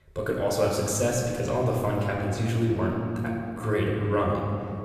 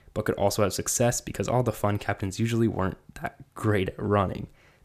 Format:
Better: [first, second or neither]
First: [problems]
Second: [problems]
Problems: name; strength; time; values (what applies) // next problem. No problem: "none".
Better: second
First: room echo; noticeable; dies away in 2.3 s // off-mic speech; far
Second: none